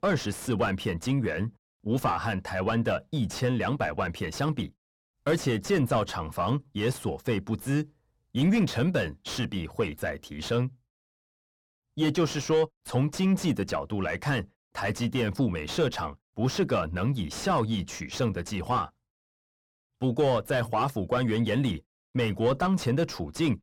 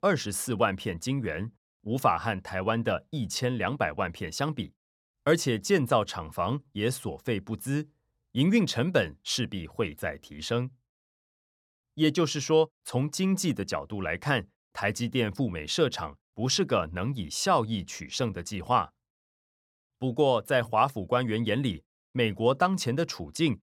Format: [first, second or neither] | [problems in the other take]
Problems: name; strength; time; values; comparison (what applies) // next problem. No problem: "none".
second | distortion; heavy; 7 dB below the speech